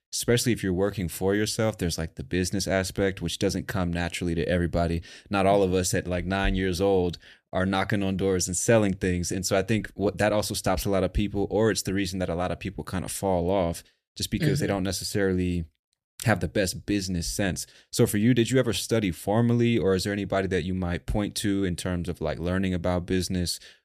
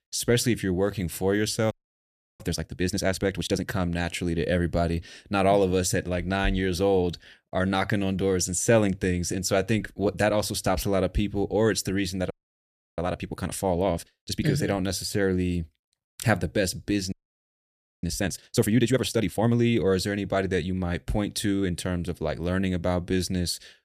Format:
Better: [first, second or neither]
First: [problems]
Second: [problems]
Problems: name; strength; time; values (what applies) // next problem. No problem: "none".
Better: first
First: none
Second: audio freezing; at 1.5 s for 0.5 s, at 12 s for 0.5 s and at 17 s for 1 s